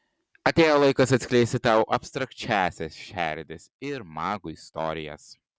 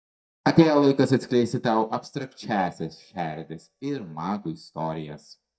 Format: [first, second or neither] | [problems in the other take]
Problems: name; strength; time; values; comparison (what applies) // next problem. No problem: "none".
first | noise reduction (neural mask model DeepFilterNet 3)